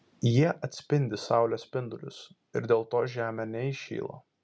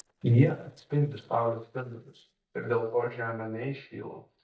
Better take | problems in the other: first | noise reduction (neural mask model DeepFilterNet 3)

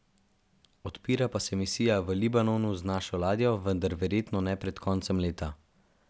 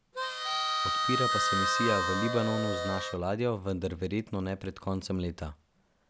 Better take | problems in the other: first | background sound (Harmonica); 2 dB above the speech

